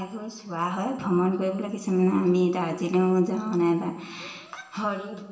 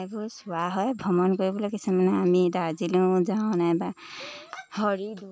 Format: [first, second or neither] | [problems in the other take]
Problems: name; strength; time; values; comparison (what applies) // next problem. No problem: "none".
second | room echo; dies away in 1.2 s